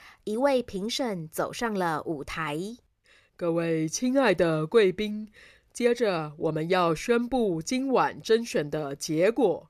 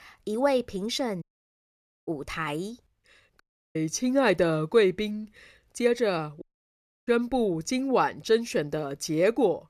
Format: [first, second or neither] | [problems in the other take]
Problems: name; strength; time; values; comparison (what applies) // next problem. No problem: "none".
first | audio cutting out; at 1 s for 1 s, at 3.5 s and at 6.5 s for 0.5 s